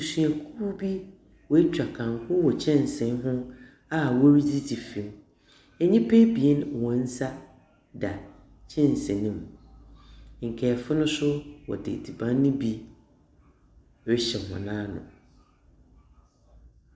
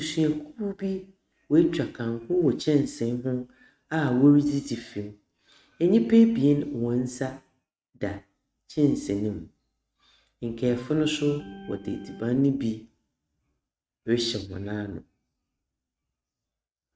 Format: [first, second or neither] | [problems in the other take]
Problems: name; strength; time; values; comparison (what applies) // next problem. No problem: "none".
first | noise reduction (neural mask model RNNoise)